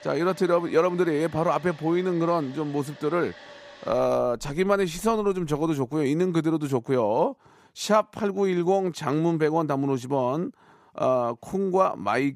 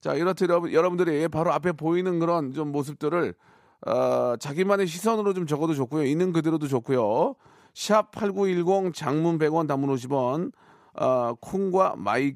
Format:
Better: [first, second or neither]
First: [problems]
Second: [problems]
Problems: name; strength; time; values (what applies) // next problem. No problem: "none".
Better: second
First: household noises; faint; until 5.5 s; 20 dB below the speech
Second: none